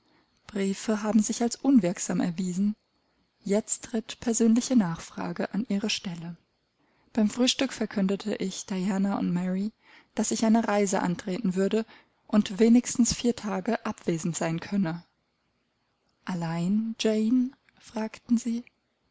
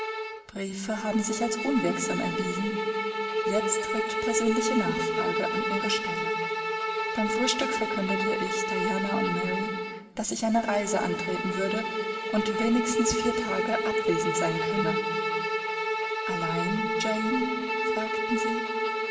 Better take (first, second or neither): first